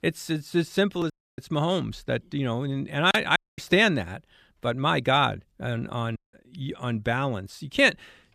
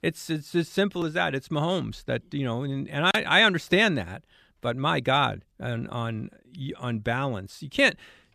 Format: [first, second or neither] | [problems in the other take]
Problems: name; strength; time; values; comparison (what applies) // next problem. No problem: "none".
second | audio cutting out; at 1 s, at 3.5 s and at 6 s